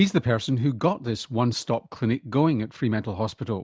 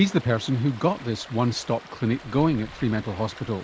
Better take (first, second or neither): first